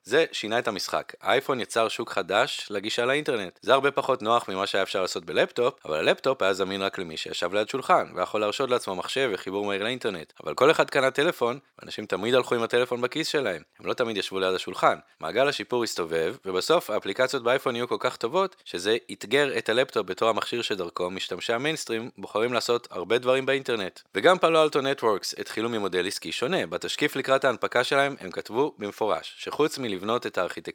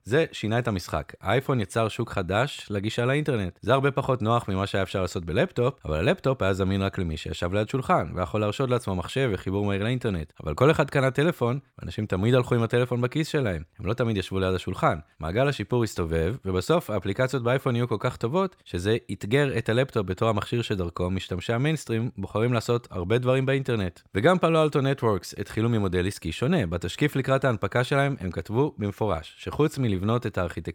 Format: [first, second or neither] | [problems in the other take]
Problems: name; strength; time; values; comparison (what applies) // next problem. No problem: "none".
second | thin; somewhat; fading below 400 Hz